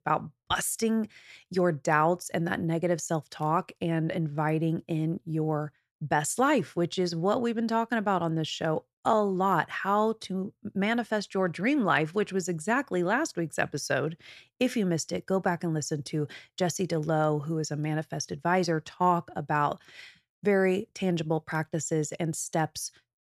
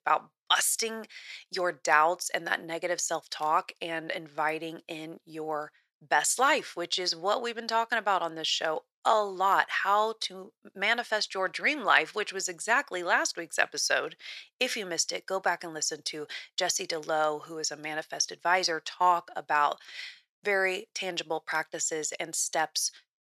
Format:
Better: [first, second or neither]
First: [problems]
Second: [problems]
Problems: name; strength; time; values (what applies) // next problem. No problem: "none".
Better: first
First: none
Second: thin; very; fading below 650 Hz